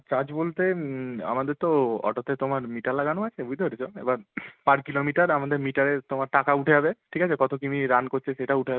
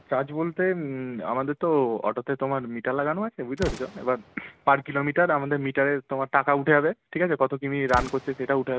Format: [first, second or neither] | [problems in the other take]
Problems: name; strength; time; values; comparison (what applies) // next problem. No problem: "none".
first | background sound (Explosion); 18 dB below the speech